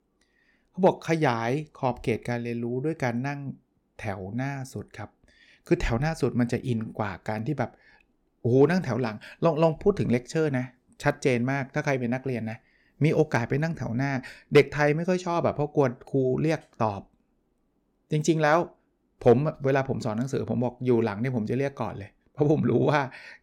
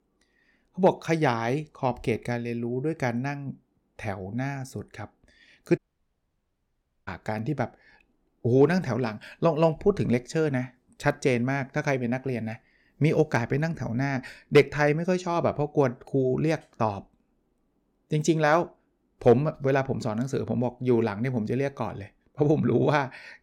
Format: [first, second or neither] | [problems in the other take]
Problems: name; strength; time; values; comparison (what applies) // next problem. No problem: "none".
first | audio cutting out; at 6 s for 1.5 s